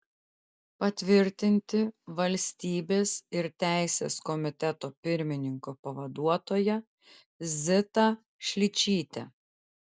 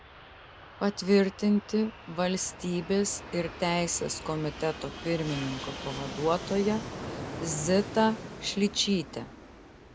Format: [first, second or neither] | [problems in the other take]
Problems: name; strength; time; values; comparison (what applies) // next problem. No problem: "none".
first | background sound (Fixed-wing aircraft, airplane); 12 dB below the speech